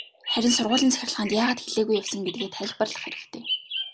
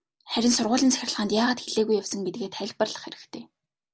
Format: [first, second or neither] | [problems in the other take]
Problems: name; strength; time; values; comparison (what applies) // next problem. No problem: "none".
second | background sound (Bird vocalization, bird call, bird song); 8 dB below the speech